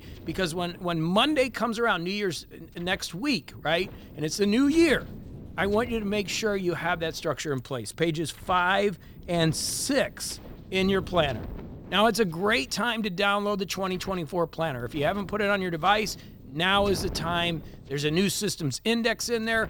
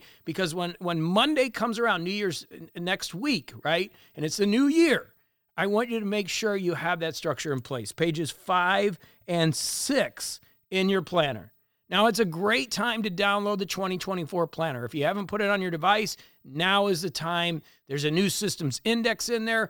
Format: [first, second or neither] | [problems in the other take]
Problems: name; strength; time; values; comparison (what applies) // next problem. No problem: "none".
second | wind noise on the microphone; occasional gusts; 20 dB below the speech